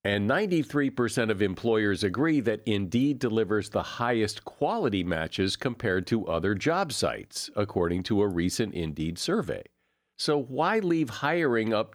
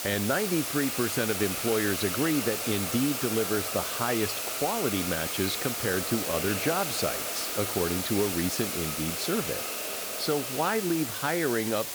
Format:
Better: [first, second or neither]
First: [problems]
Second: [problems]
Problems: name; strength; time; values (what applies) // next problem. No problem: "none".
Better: first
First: none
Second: hiss; loud; throughout; 1 dB below the speech